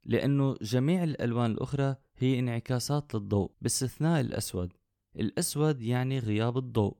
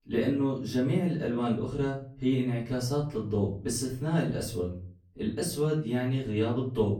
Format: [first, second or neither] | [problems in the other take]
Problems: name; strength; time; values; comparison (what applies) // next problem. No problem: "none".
first | off-mic speech; far // room echo; slight; dies away in 0.4 s